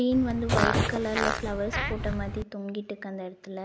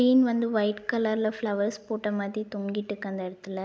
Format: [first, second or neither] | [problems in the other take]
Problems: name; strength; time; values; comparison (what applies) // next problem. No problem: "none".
second | background sound (Fart); 2 dB above the speech